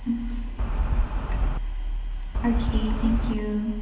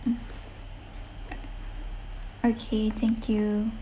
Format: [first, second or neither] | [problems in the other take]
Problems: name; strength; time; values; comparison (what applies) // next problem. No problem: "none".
second | background sound (Wind); 2 dB above the speech // room echo; dies away in 1.3 s